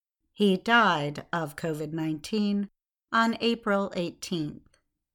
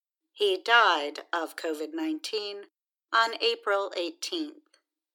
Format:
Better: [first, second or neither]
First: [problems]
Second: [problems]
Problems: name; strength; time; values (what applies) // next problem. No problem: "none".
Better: first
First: none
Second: thin; very; fading below 300 Hz